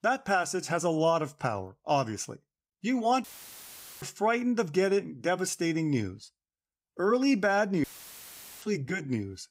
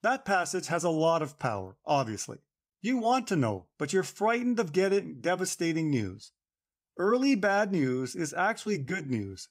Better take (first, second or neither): second